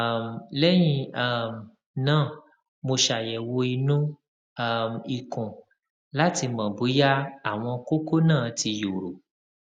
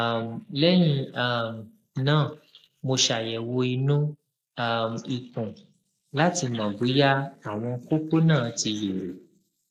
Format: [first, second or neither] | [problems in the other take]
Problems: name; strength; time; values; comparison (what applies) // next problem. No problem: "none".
first | noise reduction (neural mask model Resemble Enhance denoiser)